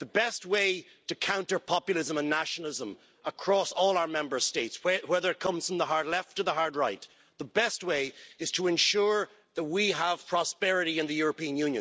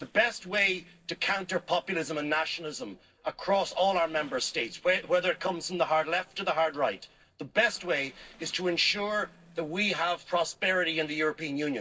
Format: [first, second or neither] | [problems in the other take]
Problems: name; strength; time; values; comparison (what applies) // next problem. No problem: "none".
first | noise reduction (neural separator model SepFormer DNS4)